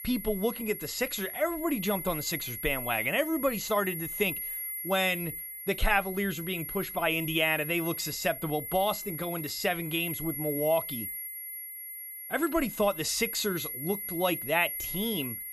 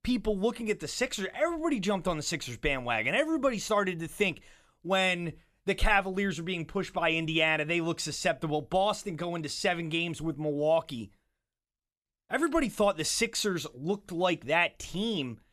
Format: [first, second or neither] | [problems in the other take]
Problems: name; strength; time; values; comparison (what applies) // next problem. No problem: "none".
second | high-pitched whine; loud; throughout; 11.5 kHz, 6 dB below the speech